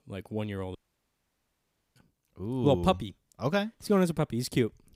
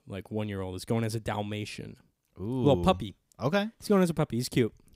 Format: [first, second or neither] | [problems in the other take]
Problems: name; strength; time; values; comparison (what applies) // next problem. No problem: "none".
second | audio cutting out; at 1 s for 1 s